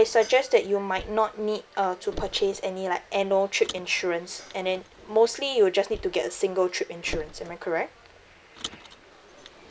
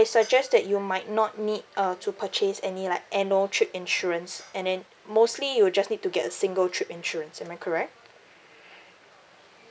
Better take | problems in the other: second | background sound (Car); 18 dB below the speech

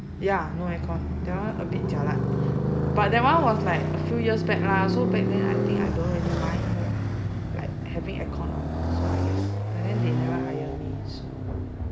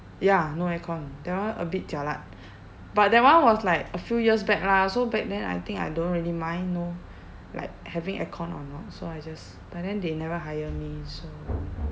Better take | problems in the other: second | background sound (Motorcycle); 3 dB above the speech

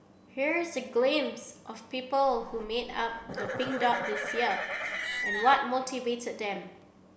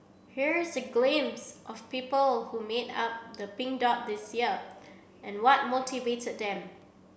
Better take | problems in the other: second | background sound (Livestock, farm animals, working animals); 5 dB below the speech

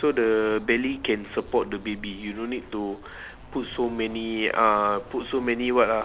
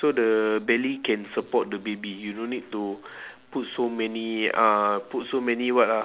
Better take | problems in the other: second | background sound (Traffic noise, roadway noise); 20 dB below the speech

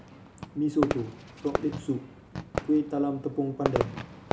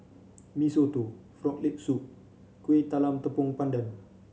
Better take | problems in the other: second | background sound (Fireworks); 4 dB below the speech

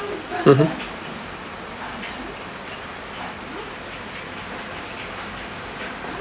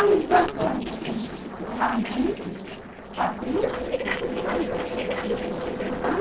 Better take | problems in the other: first | noise reduction (neural separator model SepFormer DNS4)

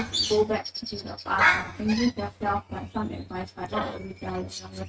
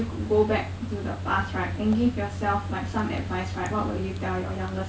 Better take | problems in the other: second | noise reduction (neural mask model RNNoise)

